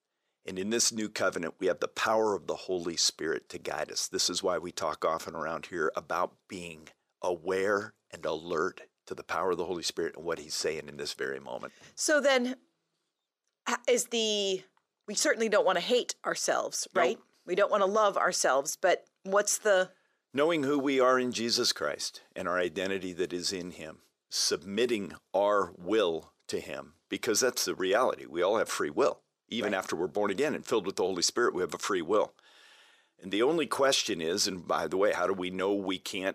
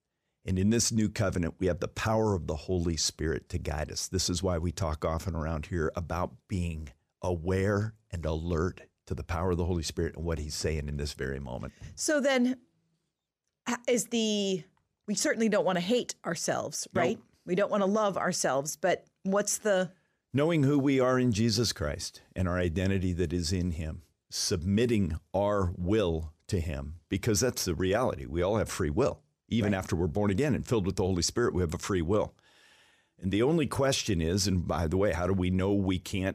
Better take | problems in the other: second | thin; somewhat; fading below 400 Hz

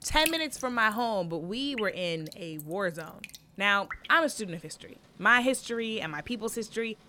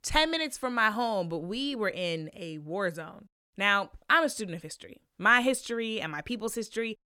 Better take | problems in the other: second | rain or running water; noticeable; throughout; 15 dB below the speech

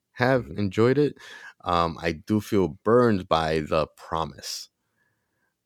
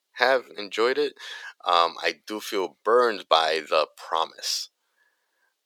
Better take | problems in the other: first | thin; very; fading below 500 Hz

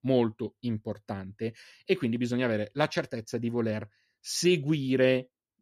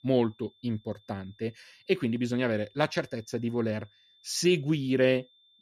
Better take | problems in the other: first | high-pitched whine; faint; throughout; 3.5 kHz, 30 dB below the speech

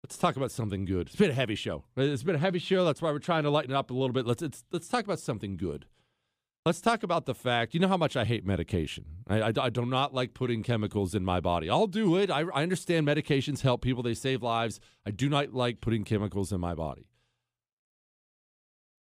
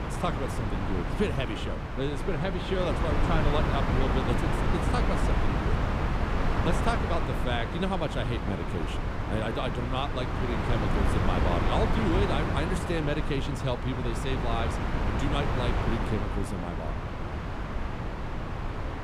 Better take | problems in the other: first | wind noise on the microphone; heavy; 1 dB above the speech

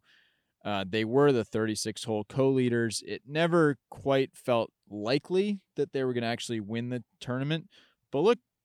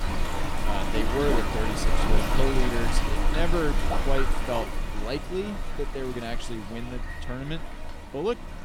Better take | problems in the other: first | rain or running water; very loud; throughout; 2 dB above the speech

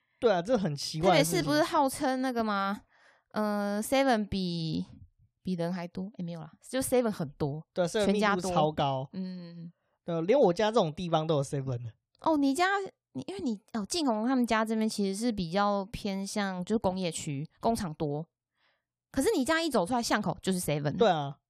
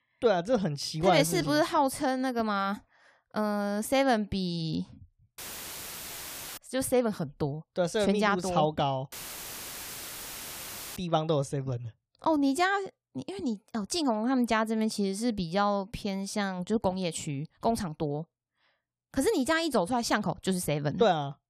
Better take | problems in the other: first | audio cutting out; filled with static; at 5.5 s for 1 s and at 9 s for 2 s

